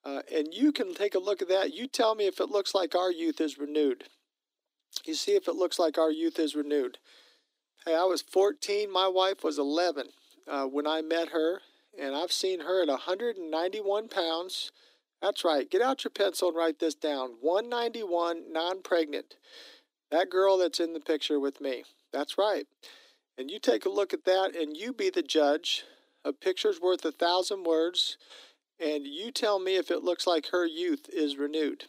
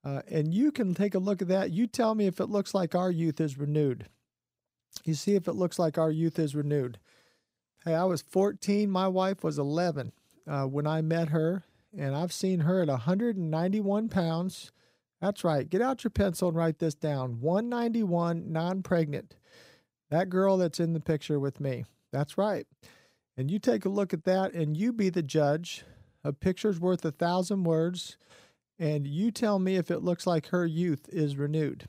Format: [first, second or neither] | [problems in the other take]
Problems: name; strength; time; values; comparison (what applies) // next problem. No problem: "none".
second | thin; somewhat; fading below 300 Hz